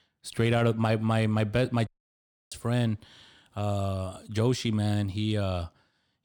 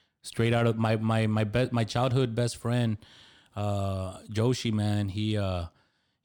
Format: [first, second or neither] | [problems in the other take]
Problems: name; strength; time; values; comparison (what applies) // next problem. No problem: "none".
second | audio cutting out; at 2 s for 0.5 s